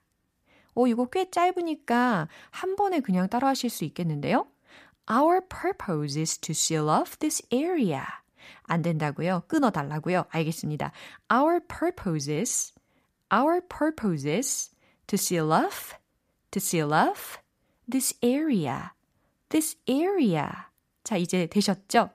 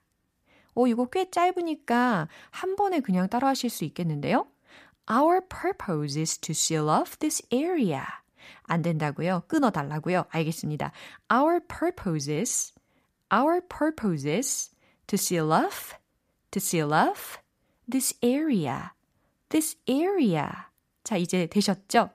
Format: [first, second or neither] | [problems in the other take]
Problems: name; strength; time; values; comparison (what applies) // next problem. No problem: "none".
neither | none